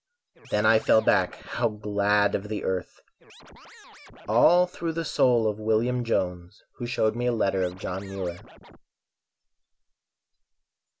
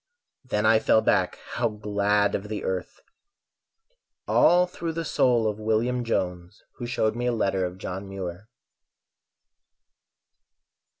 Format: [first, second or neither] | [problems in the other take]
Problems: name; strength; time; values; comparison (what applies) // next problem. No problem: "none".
second | background sound (Scratching (performance technique)); 20 dB below the speech